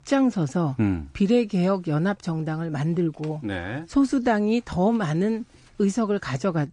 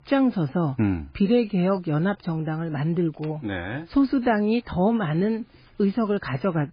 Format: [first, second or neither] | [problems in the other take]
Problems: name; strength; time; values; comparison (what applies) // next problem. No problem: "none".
first | garbled, watery; badly; nothing above 4 kHz; slightly in the first